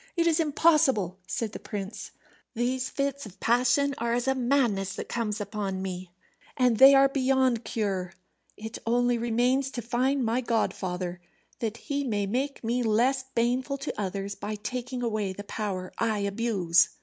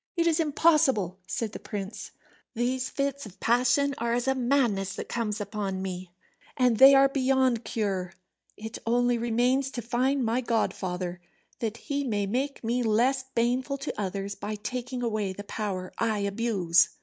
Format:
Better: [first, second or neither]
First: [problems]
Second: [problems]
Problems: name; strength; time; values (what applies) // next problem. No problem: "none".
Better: first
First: none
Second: noise reduction (neural mask model DeepFilterNet 3)